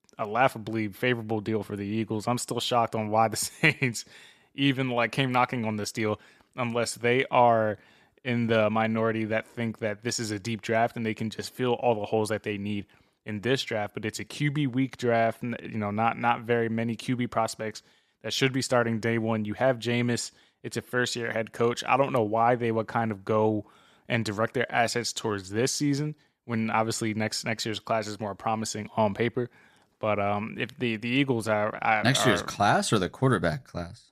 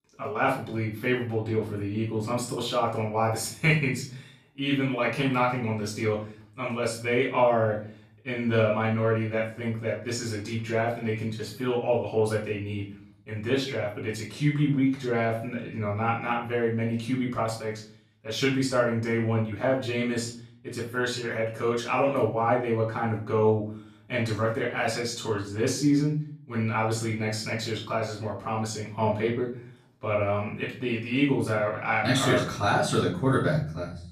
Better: first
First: none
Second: off-mic speech; far // room echo; slight; dies away in 0.5 s

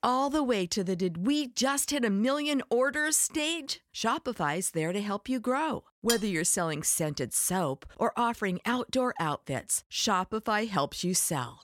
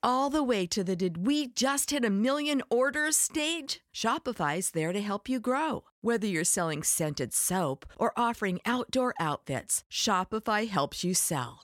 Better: second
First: clattering dishes; noticeable; at 6 s; peak 3 dB below the speech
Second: none

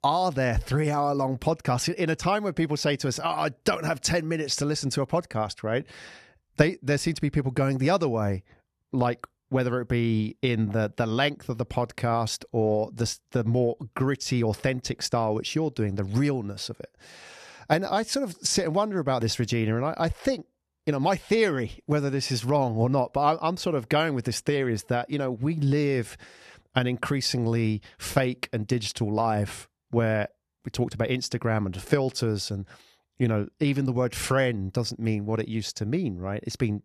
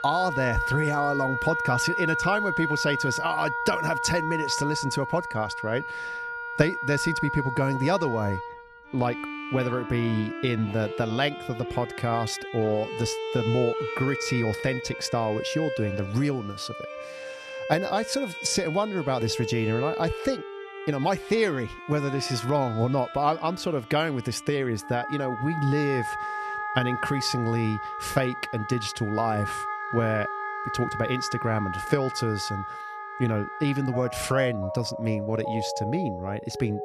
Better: first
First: none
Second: background music; loud; throughout; 5 dB below the speech

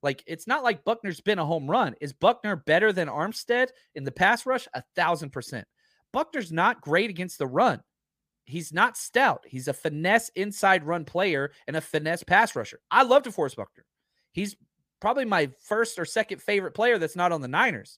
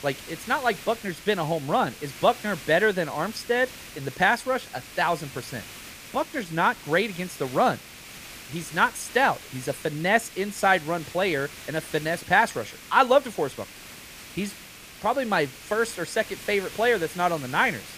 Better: first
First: none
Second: hiss; noticeable; throughout; 15 dB below the speech

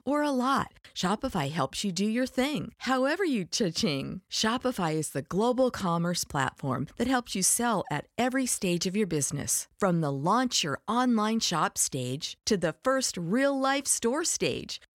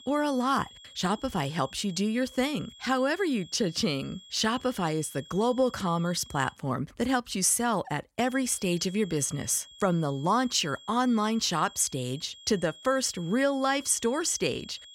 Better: first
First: none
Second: high-pitched whine; faint; until 6.5 s and from 8.5 s on; 3.5 kHz, 20 dB below the speech

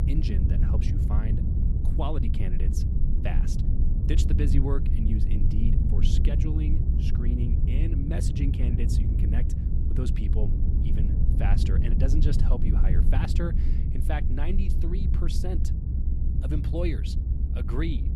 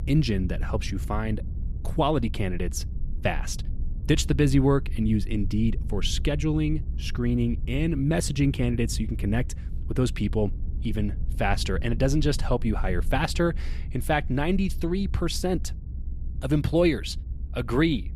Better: second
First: low rumble; loud; throughout; 2 dB below the speech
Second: low rumble; faint; throughout; 20 dB below the speech

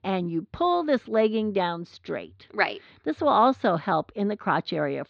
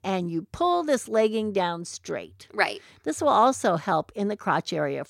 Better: second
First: muffled; very slightly; fading above 4 kHz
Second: none

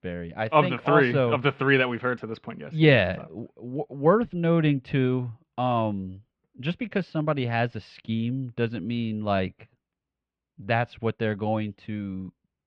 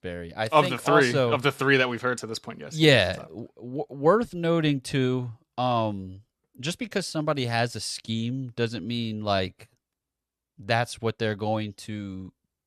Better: second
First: muffled; very; fading above 3 kHz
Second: none

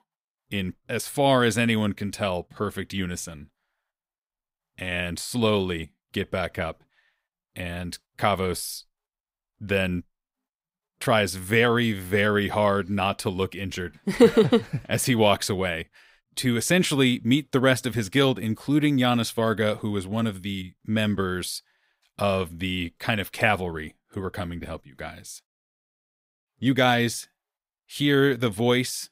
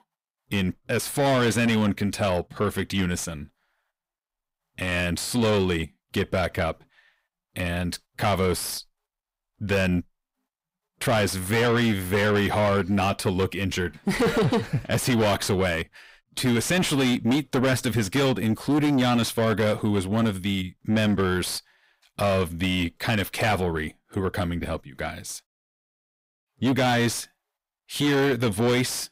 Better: first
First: none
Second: distortion; heavy; 6 dB below the speech

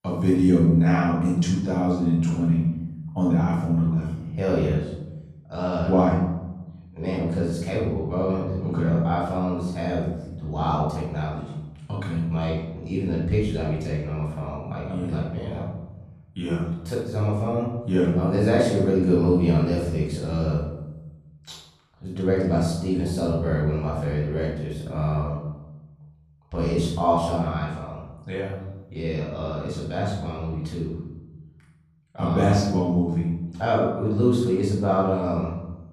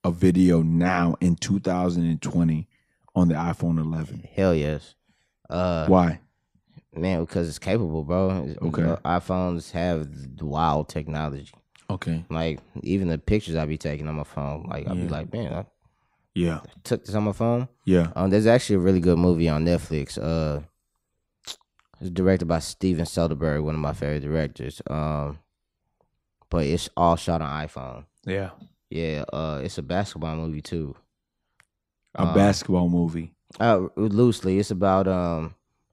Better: second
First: room echo; noticeable; dies away in 1 s // off-mic speech; far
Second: none

